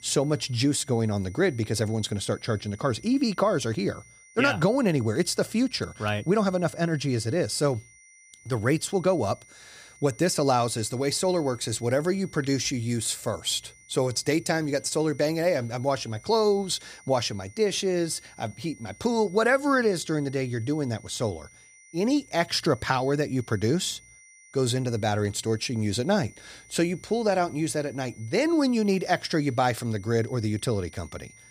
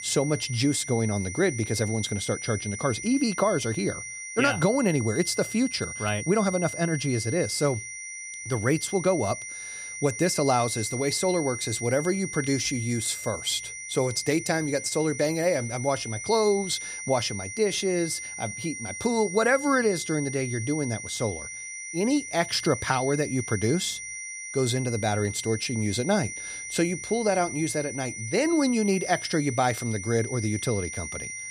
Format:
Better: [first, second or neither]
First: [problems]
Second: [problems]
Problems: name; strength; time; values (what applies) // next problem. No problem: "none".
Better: first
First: high-pitched whine; faint; throughout; 2 kHz, 25 dB below the speech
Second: high-pitched whine; loud; throughout; 2 kHz, 8 dB below the speech